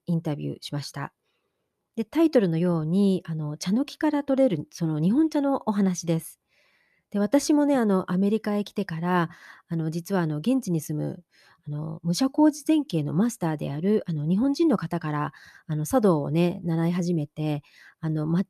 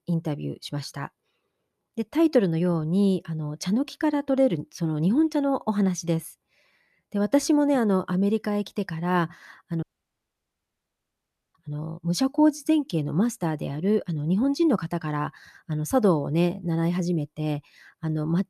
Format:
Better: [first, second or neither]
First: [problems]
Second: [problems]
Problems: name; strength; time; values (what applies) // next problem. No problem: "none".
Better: first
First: none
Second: audio cutting out; at 10 s for 1.5 s